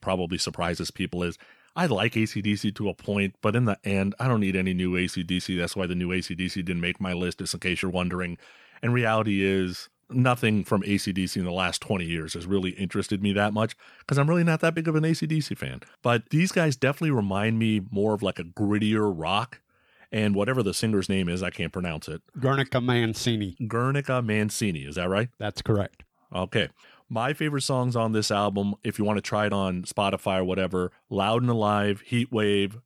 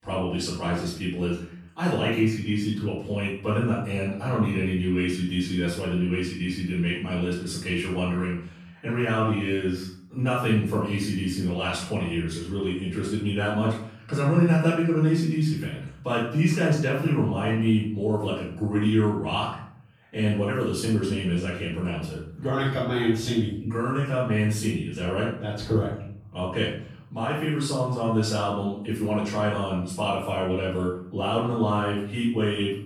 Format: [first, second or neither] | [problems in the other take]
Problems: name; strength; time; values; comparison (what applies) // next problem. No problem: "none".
first | off-mic speech; far // room echo; noticeable; dies away in 0.6 s